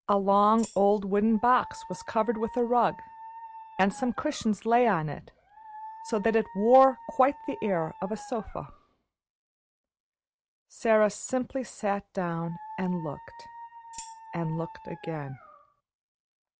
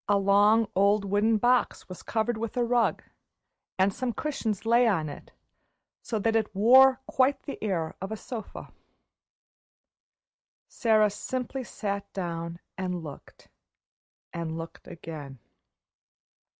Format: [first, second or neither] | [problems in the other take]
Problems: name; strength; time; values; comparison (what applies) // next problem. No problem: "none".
second | background sound (Dog + Tambourine); 17 dB below the speech